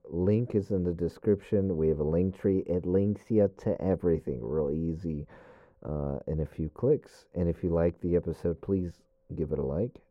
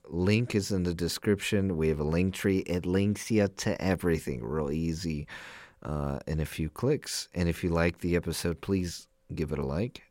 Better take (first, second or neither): second